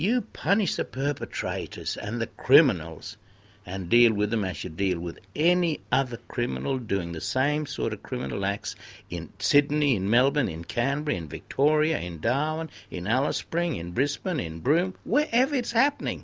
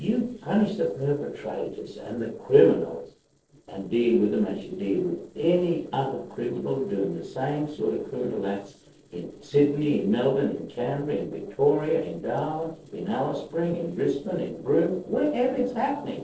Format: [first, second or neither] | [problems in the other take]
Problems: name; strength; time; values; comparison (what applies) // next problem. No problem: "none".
first | noise reduction (neural separator model SepFormer DNS4)